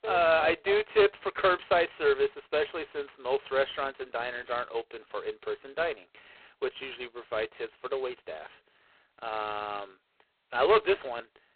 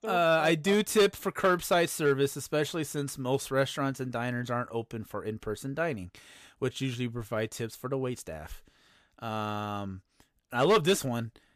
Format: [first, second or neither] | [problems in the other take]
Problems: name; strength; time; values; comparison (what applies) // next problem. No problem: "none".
second | phone-call audio; poor line; nothing above 4 kHz